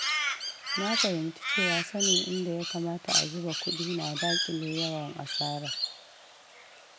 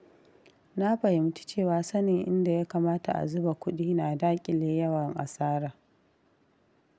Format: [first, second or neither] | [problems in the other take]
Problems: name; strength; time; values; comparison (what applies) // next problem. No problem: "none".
second | background sound (Crow); 2 dB above the speech